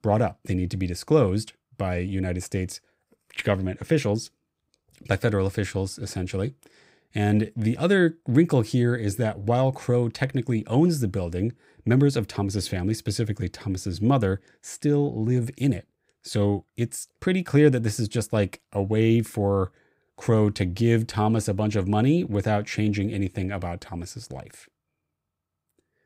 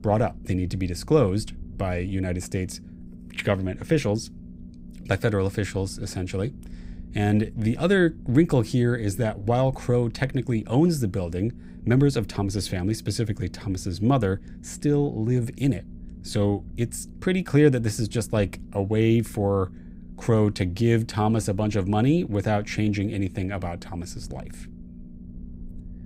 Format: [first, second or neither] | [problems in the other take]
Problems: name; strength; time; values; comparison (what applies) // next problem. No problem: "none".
first | low rumble; faint; throughout; 25 dB below the speech